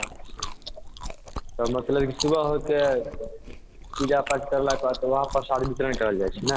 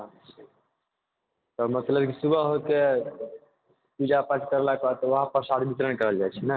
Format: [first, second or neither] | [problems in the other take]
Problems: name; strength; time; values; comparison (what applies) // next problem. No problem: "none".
second | background sound (Chewing, mastication); 9 dB below the speech